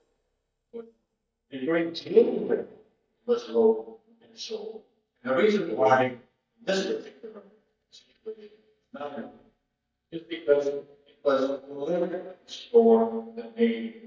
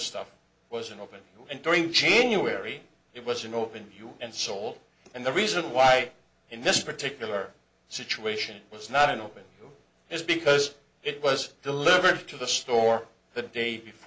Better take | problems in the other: second | noise reduction (neural mask model DeepFilterNet 3)

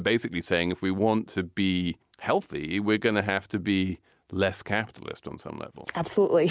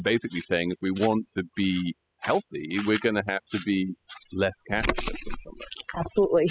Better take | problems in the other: first | noise reduction (classical method spectral subtraction)

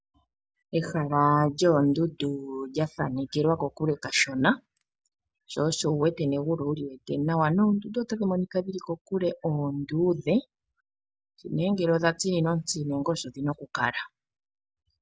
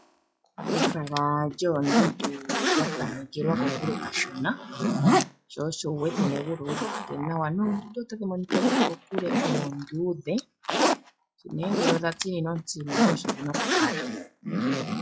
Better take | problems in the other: first | noise reduction (classical method log-MMSE)

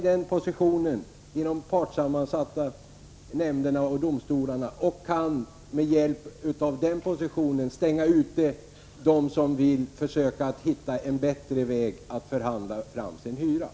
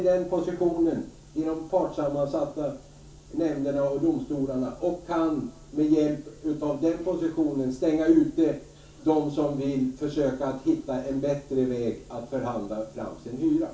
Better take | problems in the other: first | room echo; dies away in 0.3 s

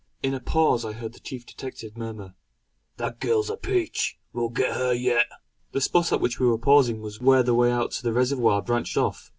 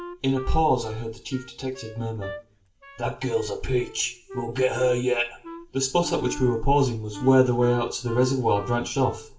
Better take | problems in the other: first | background sound (Wind instrument, woodwind instrument); 16 dB below the speech // room echo; dies away in 0.3 s

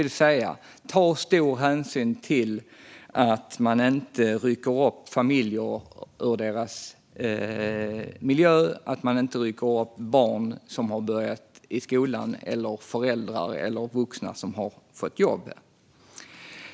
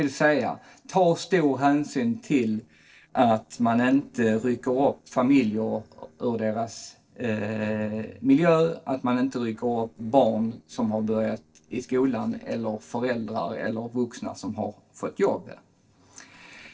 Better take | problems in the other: first | noise reduction (neural separator model SepFormer DNS4)

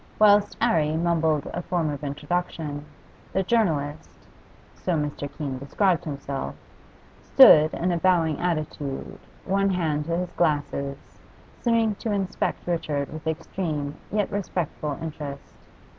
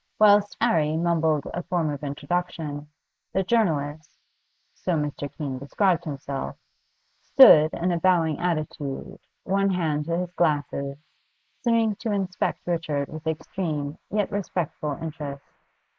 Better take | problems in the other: first | noise reduction (neural mask model Resemble Enhance denoiser)

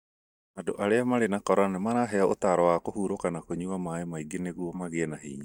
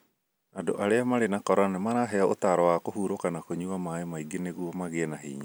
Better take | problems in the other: second | noise reduction (neural mask model DeepFilterNet 3)

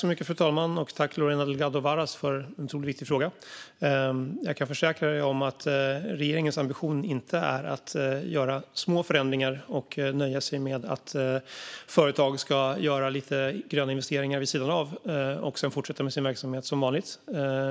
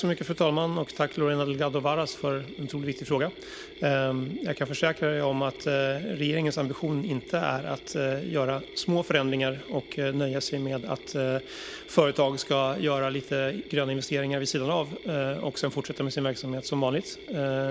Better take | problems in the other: first | background sound (Mechanisms); 17 dB below the speech

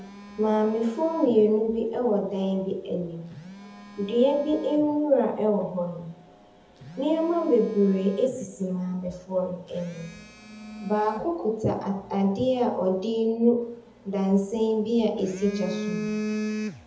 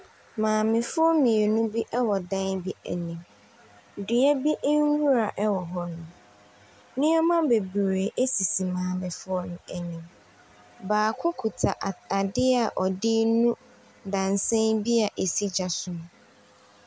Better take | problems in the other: second | background sound (Telephone); 13 dB below the speech // room echo; dies away in 0.7 s

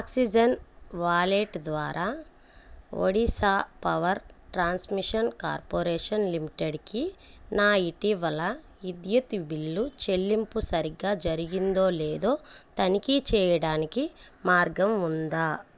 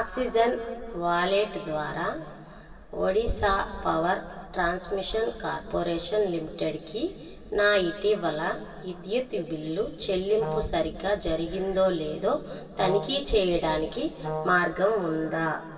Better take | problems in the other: first | background sound (Brass instrument); 7 dB below the speech // room echo; dies away in 2.3 s

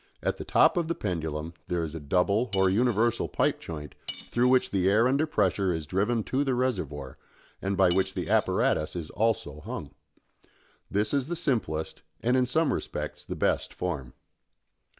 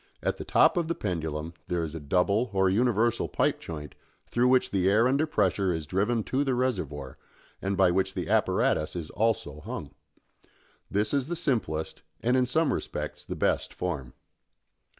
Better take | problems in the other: second | background sound (Cutlery, silverware / Dishes, pots, and pans); 16 dB below the speech

